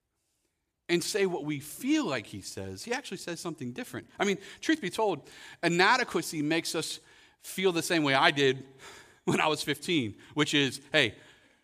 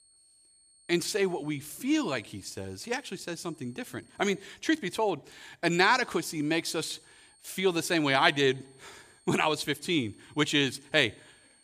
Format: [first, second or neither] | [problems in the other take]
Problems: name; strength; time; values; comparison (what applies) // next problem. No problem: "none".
first | high-pitched whine; faint; until 4.5 s and from 6 s on; 8.5 kHz, 30 dB below the speech